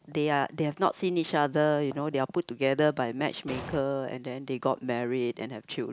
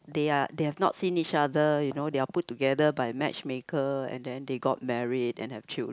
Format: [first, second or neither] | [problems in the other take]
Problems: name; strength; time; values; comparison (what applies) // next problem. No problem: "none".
second | background sound (Explosion); 9 dB below the speech